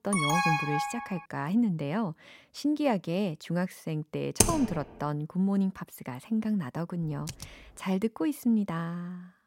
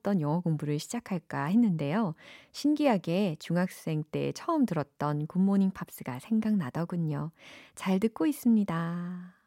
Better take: second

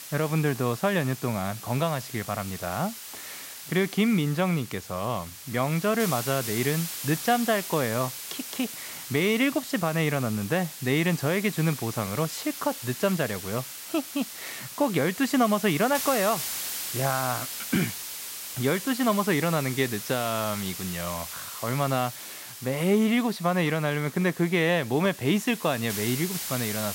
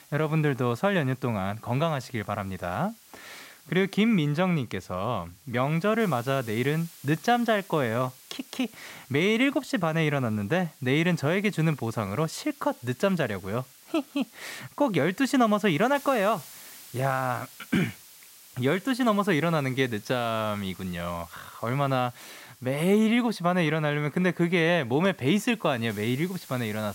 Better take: second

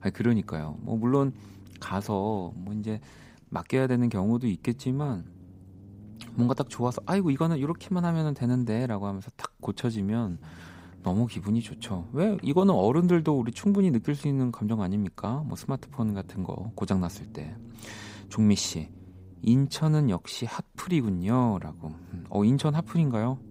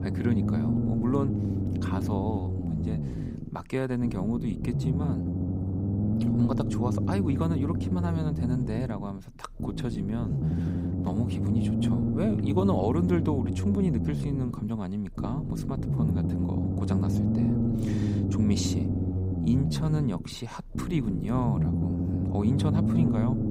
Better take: first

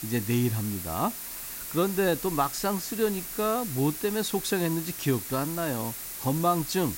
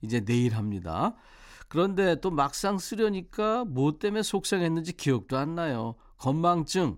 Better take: second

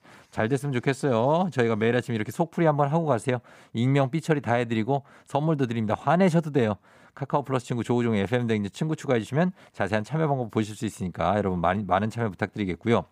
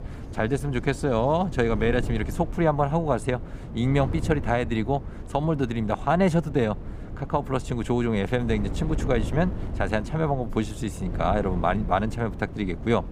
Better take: first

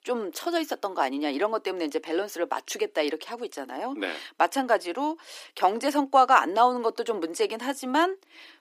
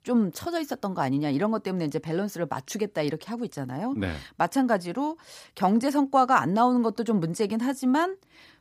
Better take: second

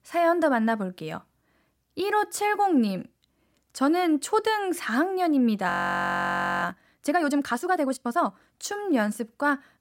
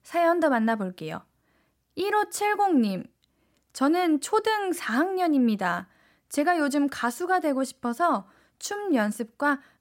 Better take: second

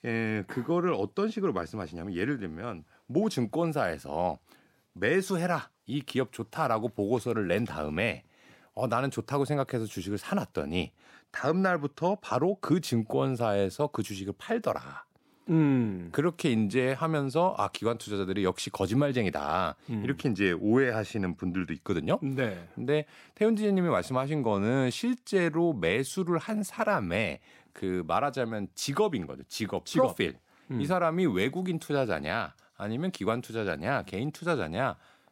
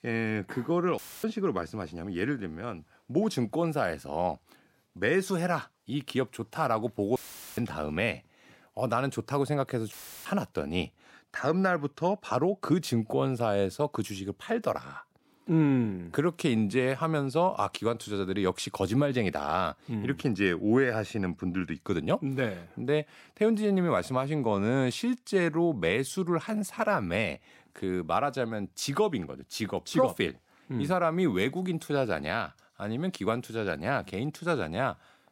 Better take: first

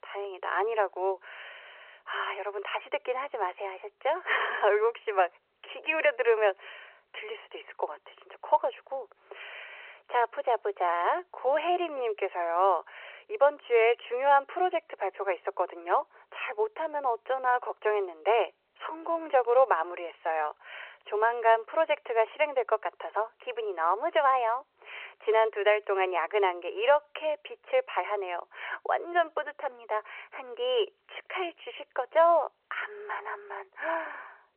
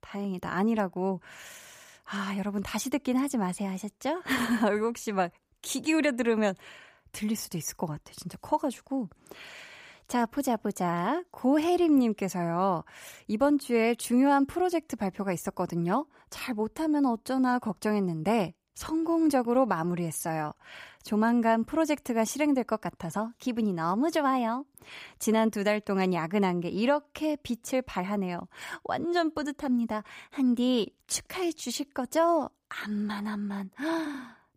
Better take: second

